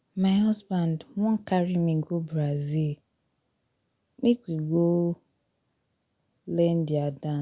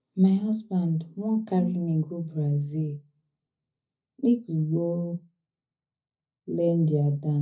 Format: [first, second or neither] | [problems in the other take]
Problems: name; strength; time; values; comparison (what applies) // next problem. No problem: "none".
first | noise reduction (neural mask model DeepFilterNet 3)